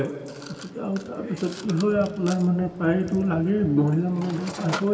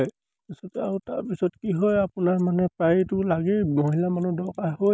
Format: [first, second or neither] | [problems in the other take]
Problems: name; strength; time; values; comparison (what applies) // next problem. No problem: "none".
second | background sound (Mechanisms); 15 dB below the speech // room echo; dies away in 1.9 s